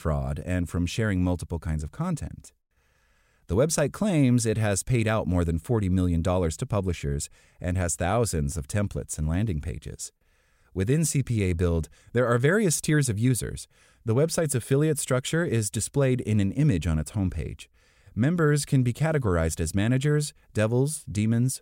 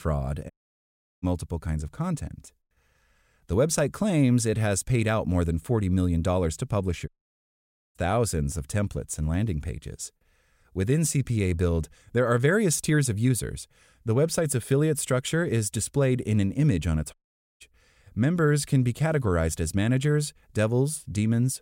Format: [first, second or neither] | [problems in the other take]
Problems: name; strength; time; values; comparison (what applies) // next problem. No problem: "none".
first | audio cutting out; at 0.5 s for 0.5 s, at 7 s for 1 s and at 17 s